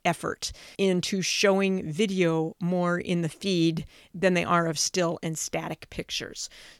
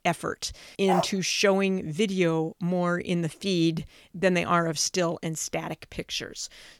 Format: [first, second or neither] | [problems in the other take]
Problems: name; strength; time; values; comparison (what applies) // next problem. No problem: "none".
first | dog barking; noticeable; at 1 s; peak 2 dB below the speech